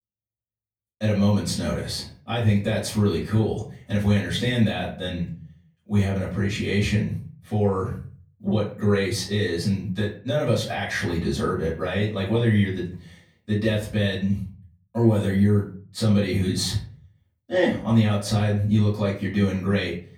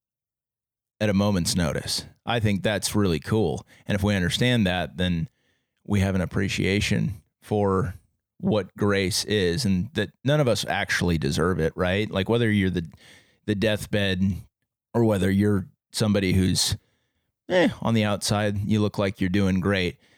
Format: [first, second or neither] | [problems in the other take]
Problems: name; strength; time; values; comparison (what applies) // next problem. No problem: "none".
second | off-mic speech; far // room echo; slight; dies away in 0.4 s